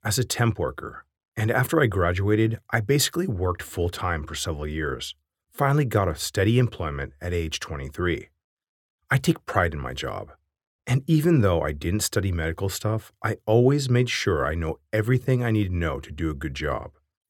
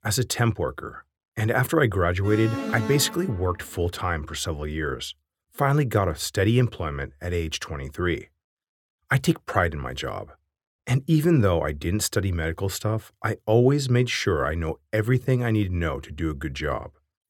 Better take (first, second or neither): first